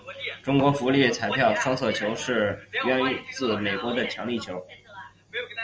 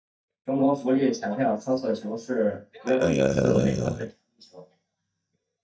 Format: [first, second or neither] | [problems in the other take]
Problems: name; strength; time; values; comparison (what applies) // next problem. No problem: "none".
first | noise reduction (neural mask model DeepFilterNet 3)